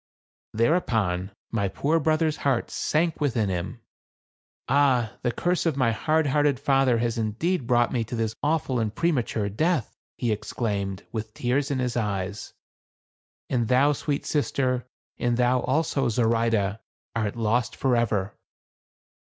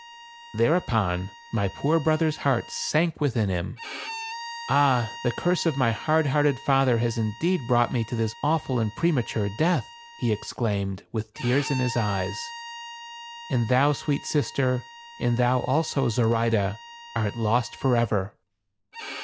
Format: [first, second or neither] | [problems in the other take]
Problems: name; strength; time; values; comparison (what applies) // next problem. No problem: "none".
first | background sound (Bowed string instrument); 16 dB below the speech